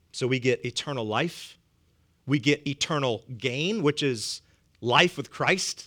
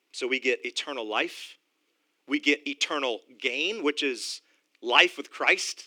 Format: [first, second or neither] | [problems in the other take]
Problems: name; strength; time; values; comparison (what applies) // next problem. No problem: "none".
first | thin; very slightly; fading below 300 Hz